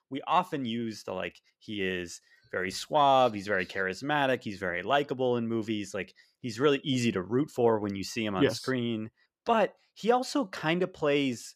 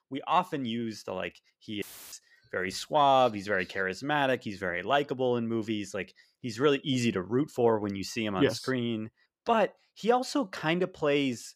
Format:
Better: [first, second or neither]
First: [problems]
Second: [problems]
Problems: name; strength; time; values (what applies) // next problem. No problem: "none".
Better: first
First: none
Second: audio cutting out; filled with static; at 2 s